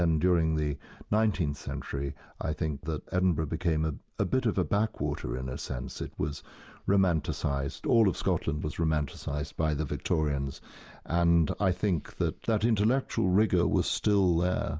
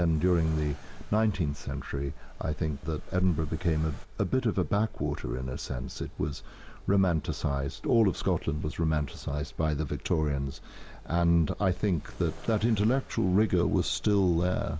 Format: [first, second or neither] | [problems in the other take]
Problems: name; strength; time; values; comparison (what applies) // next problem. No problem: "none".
first | background sound (Accelerating, revving, vroom); 12 dB below the speech